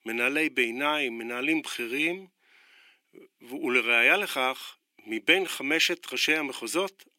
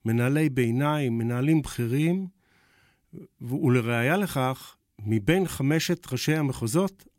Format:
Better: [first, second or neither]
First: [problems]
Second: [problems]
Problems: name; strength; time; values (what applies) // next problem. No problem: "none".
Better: second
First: thin; somewhat; fading below 300 Hz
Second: none